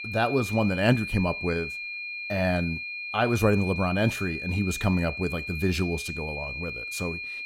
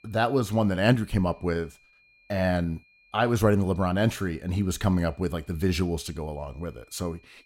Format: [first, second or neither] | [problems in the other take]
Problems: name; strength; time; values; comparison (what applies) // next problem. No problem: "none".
second | high-pitched whine; loud; throughout; 2.5 kHz, 6 dB below the speech; faint in the second